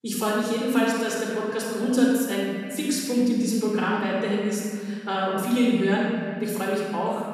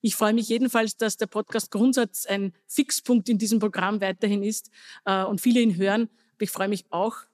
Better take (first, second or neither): second